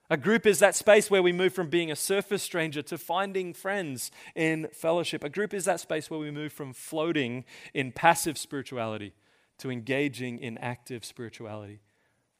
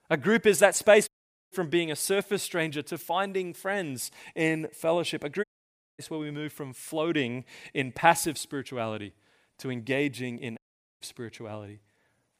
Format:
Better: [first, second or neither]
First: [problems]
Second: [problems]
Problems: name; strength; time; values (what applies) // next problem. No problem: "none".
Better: first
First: none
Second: audio cutting out; at 1 s, at 5.5 s for 0.5 s and at 11 s